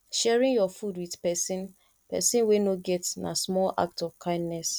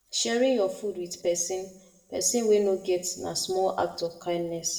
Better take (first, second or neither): first